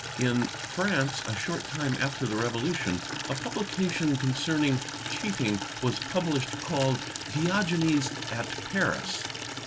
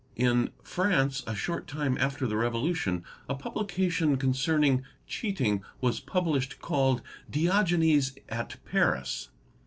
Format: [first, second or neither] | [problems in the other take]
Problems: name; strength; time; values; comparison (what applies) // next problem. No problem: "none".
second | background sound (Water tap, faucet / Liquid); 7 dB below the speech